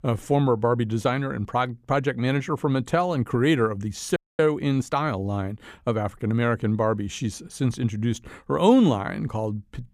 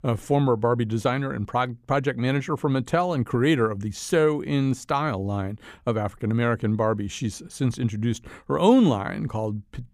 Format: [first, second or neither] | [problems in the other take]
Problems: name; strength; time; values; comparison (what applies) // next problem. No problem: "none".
second | audio freezing; at 4 s